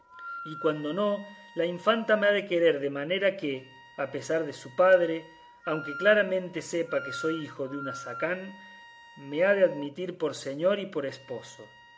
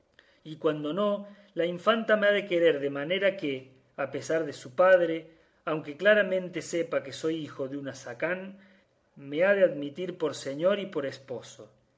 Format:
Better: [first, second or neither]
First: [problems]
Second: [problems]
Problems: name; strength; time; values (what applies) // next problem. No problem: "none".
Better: second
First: background sound (Wind instrument, woodwind instrument); 16 dB below the speech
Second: none